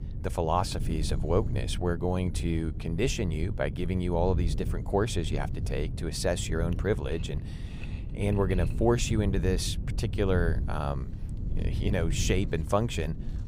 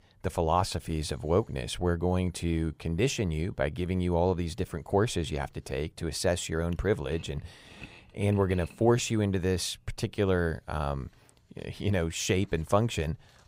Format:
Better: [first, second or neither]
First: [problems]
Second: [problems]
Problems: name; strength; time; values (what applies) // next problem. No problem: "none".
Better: second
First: wind noise on the microphone; occasional gusts; 15 dB below the speech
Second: none